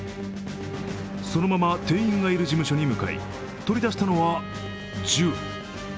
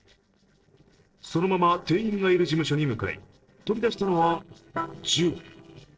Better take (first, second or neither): first